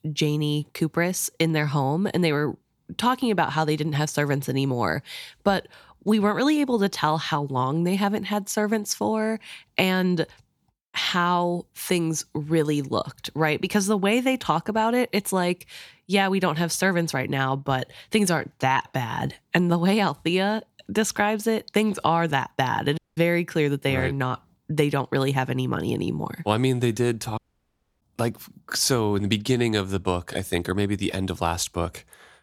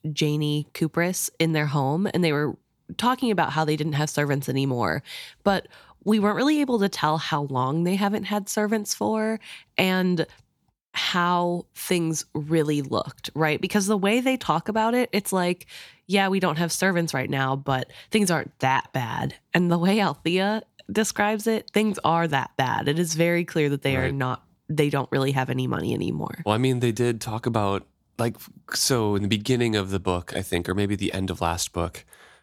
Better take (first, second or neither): second